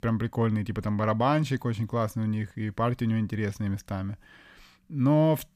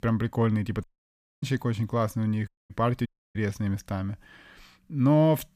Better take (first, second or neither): first